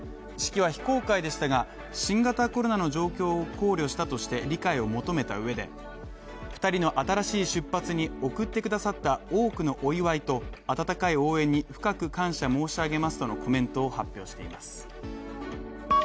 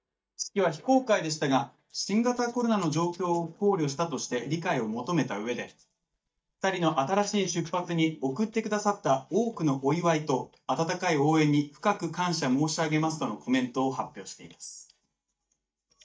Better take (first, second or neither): first